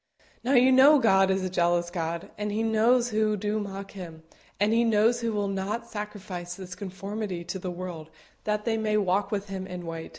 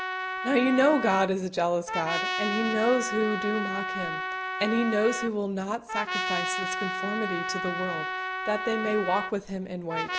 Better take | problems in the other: first | background sound (Trumpet); 4 dB below the speech

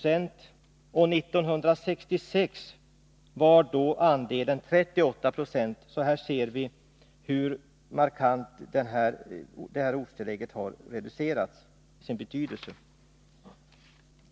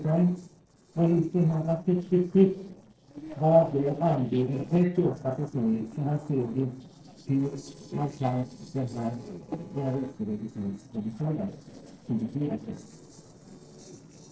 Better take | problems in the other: first | noise reduction (neural separator model SepFormer DNS4)

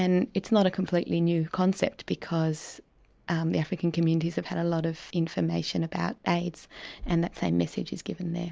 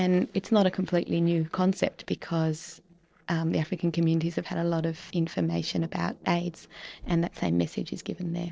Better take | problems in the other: first | noise reduction (neural separator model SepFormer DNS4)

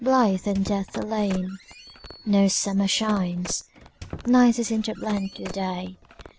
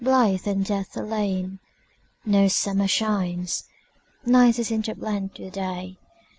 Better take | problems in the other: second | background sound (Telephone + Squeak); 17 dB below the speech

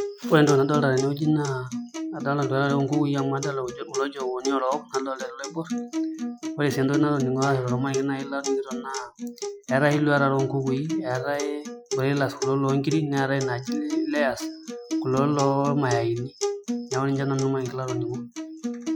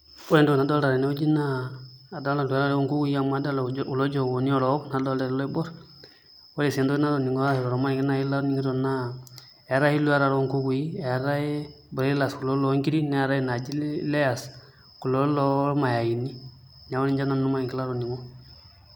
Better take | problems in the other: second | noise reduction (classical method Wiener filter)

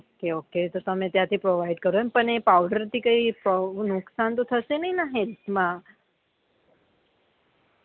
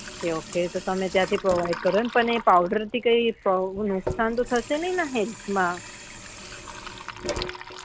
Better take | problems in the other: first | background sound (Sink (filling or washing) / Water tap, faucet); 12 dB below the speech

